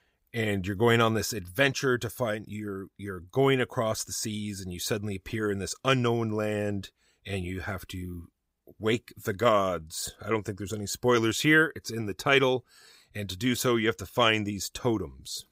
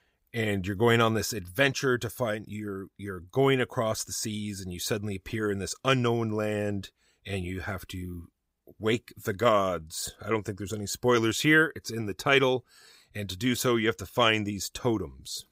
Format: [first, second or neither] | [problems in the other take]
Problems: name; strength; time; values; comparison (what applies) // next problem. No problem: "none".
neither | none